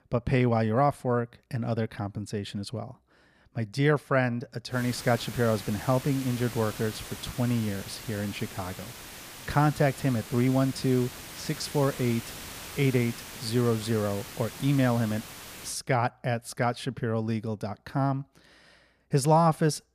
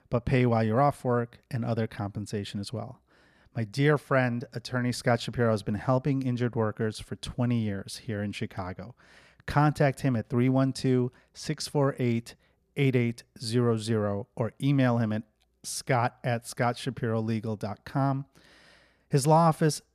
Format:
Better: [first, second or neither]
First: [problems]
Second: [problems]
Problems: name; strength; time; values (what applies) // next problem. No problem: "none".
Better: second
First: hiss; noticeable; from 5 to 16 s; 15 dB below the speech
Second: none